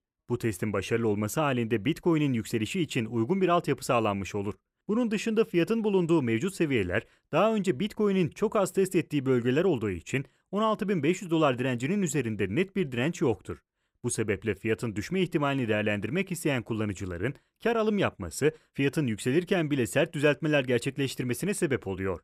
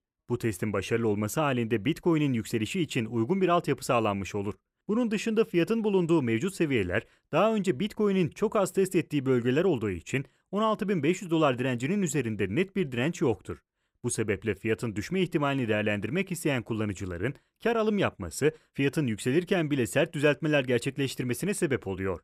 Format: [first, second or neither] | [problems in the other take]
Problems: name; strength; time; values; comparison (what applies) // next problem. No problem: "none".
neither | none